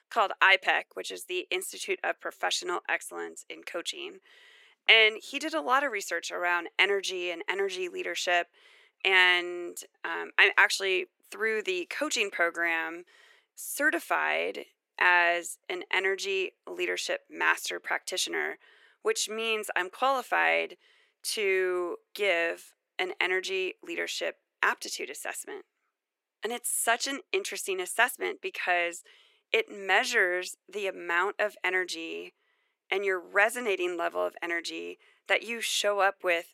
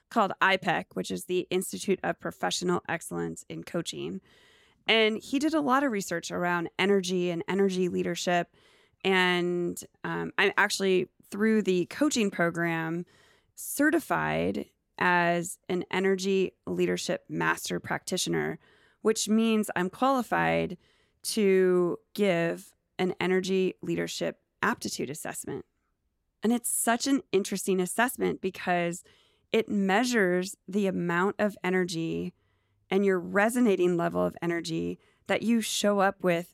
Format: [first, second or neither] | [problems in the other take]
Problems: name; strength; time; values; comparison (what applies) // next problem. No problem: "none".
second | thin; very; fading below 400 Hz